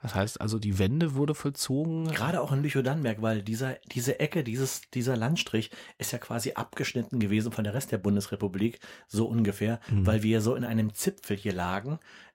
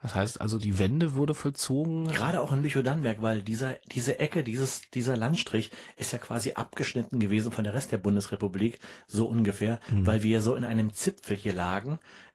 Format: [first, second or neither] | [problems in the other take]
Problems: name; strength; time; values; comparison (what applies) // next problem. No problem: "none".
first | garbled, watery; slightly; nothing above 15.5 kHz